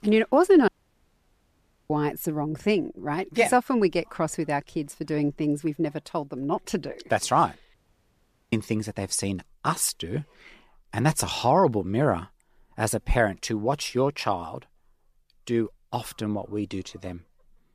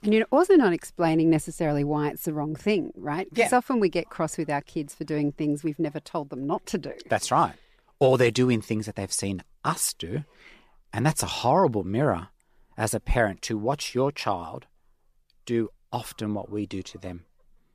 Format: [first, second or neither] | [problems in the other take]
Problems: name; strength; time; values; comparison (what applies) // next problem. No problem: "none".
second | audio cutting out; at 0.5 s for 1 s and at 7.5 s for 1 s